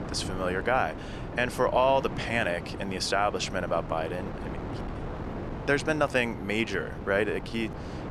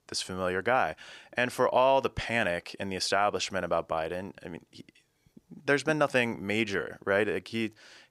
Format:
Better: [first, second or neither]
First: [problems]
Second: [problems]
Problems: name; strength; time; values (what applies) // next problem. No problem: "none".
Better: second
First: wind noise on the microphone; occasional gusts; 15 dB below the speech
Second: none